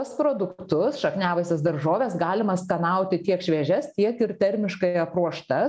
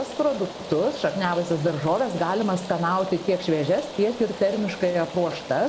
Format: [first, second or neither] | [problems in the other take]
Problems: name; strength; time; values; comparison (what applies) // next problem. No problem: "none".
first | background sound (Rain); 12 dB below the speech